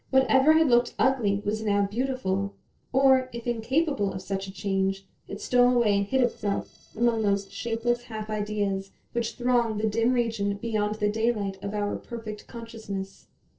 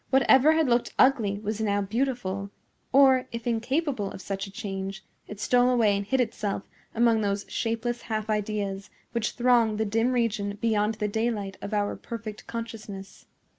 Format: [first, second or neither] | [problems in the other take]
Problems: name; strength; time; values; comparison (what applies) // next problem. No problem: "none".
second | noise reduction (neural separator model SepFormer DNS4)